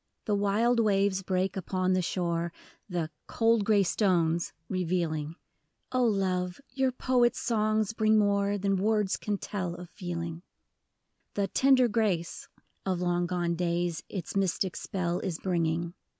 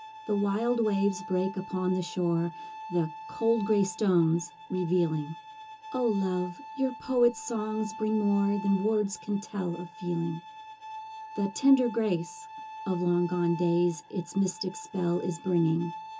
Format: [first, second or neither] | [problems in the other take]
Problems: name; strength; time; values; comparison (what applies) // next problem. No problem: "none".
first | background sound (Bowed string instrument); 14 dB below the speech // room echo; dies away in 0.2 s